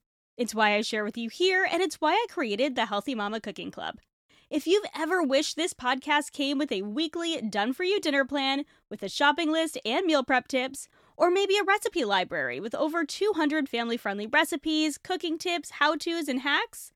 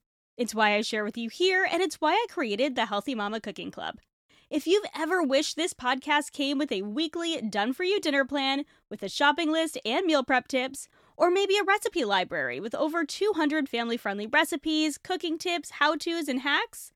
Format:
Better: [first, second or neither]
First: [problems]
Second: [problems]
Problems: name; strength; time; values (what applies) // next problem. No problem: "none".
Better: neither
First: none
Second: none